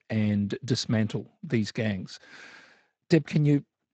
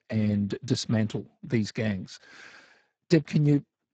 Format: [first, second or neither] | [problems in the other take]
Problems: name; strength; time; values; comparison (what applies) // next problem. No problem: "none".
first | garbled, watery; badly; nothing above 7.5 kHz; slightly in the first